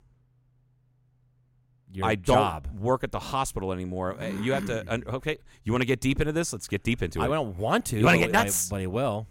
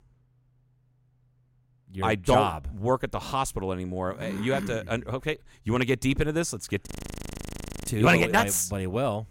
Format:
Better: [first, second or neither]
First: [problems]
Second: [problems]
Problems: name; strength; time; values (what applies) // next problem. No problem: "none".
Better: first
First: none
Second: audio freezing; at 7 s for 1 s